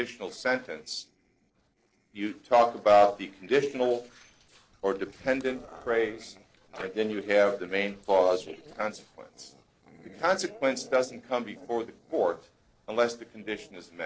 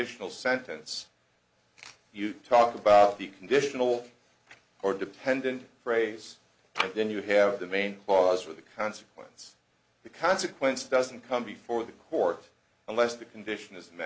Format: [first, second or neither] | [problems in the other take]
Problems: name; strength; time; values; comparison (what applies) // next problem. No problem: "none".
second | noise reduction (neural separator model SepFormer DNS4)